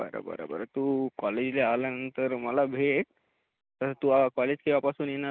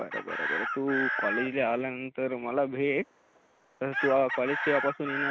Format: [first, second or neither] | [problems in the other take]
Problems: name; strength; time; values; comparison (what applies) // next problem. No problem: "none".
first | background sound (Chicken, rooster); 4 dB below the speech